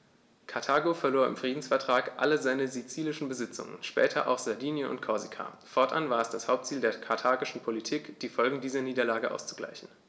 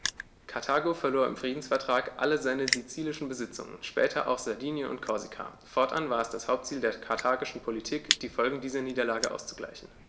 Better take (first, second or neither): first